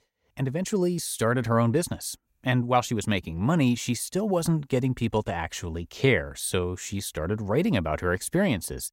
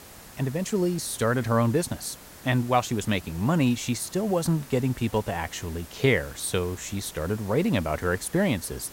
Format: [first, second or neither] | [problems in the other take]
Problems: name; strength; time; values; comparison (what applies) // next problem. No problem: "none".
first | hiss; noticeable; throughout; 20 dB below the speech